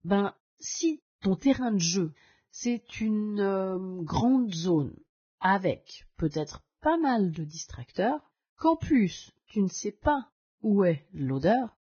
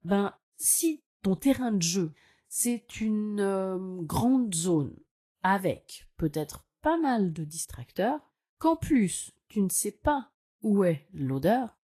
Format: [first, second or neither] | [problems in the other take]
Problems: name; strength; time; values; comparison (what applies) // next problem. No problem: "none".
second | garbled, watery; badly; nothing above 6.5 kHz; slightly in the second